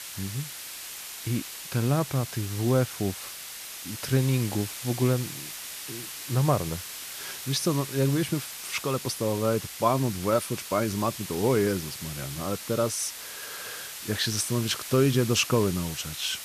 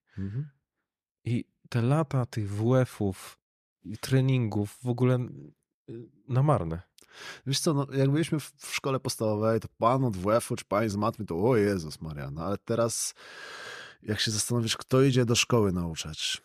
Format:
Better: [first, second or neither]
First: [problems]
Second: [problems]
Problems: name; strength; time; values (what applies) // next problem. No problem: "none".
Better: second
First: hiss; loud; throughout; 9 dB below the speech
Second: none